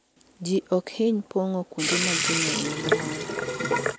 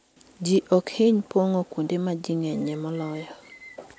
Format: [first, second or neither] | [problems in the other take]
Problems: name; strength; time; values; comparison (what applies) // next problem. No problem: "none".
second | background sound (Sink (filling or washing) / Water tap, faucet); 3 dB above the speech